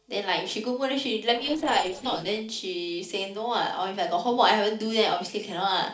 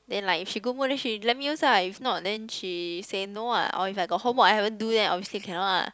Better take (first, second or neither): second